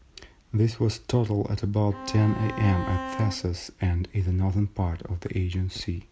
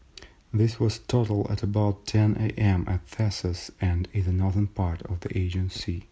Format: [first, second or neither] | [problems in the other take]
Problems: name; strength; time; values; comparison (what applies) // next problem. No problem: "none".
second | background sound (Bowed string instrument); 9 dB below the speech